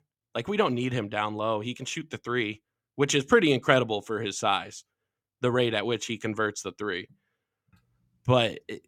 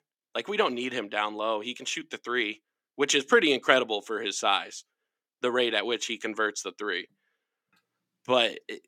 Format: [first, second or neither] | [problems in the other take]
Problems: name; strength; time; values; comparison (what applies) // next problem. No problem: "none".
first | thin; very slightly; fading below 250 Hz